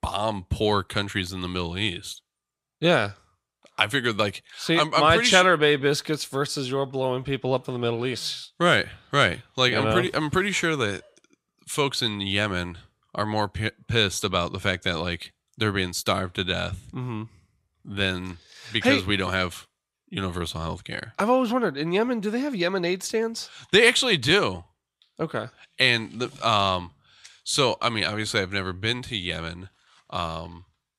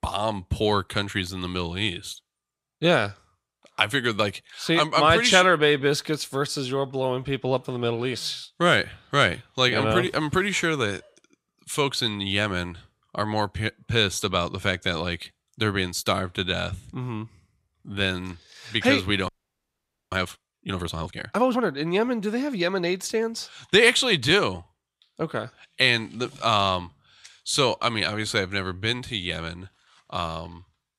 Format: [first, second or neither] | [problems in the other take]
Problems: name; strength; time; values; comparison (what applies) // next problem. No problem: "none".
first | audio freezing; at 19 s for 1 s